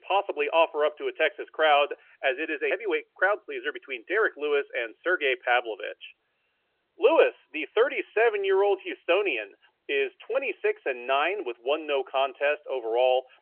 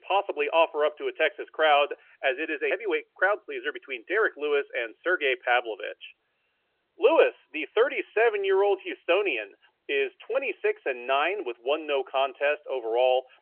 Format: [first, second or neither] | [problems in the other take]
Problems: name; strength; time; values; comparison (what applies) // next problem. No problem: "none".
neither | phone-call audio; nothing above 3 kHz; the same in both